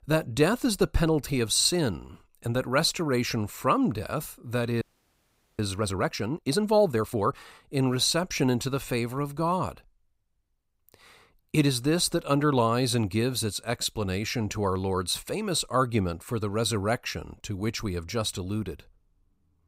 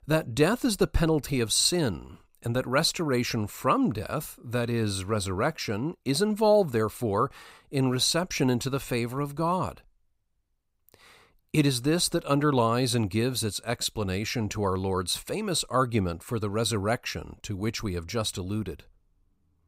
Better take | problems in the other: second | audio freezing; at 5 s for 1 s

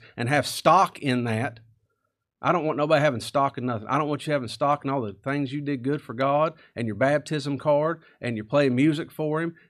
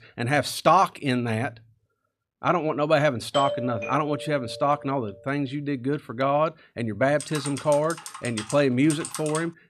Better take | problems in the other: first | doorbell; noticeable; from 3.5 to 5 s; peak 4 dB below the speech // keyboard typing; noticeable; from 7 s on; peak 8 dB below the speech

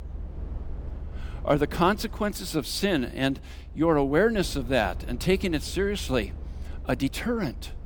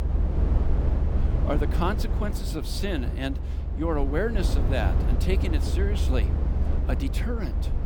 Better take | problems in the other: first | low rumble; loud; throughout; 6 dB below the speech; faint in the first

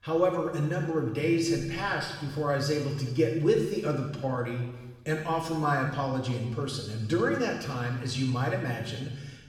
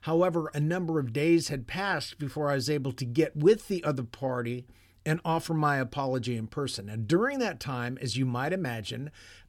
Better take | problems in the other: second | room echo; noticeable; dies away in 1.1 s // off-mic speech; far

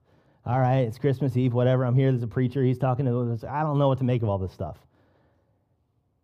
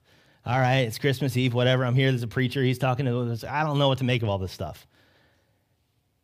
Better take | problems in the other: second | muffled; slightly; fading above 1 kHz

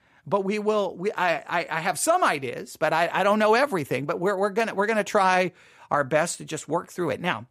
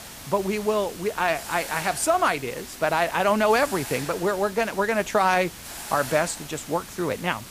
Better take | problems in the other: first | hiss; noticeable; throughout; 15 dB below the speech

